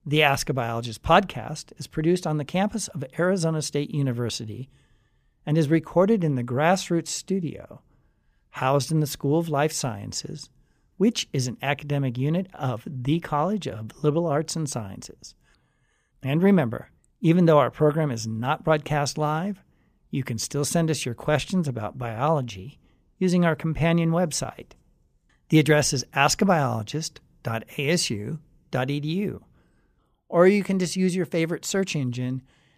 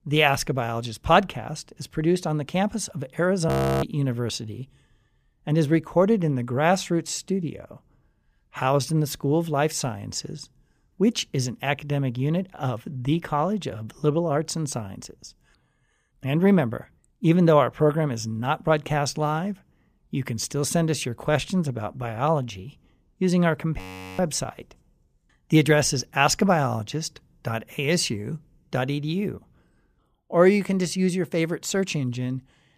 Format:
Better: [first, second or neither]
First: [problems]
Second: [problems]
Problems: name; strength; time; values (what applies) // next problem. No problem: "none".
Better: first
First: none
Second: audio freezing; at 3.5 s and at 24 s